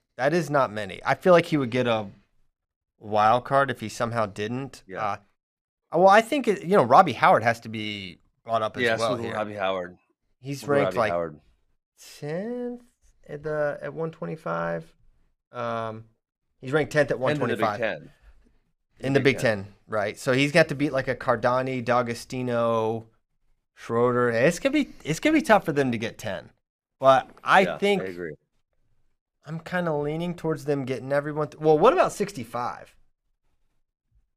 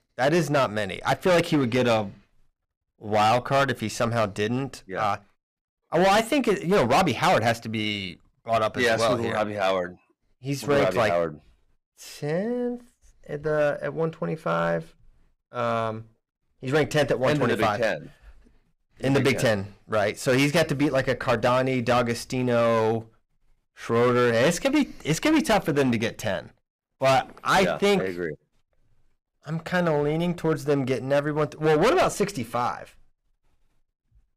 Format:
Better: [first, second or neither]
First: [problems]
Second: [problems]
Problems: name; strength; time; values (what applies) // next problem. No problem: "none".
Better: first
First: none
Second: distortion; heavy; 8% of the sound clipped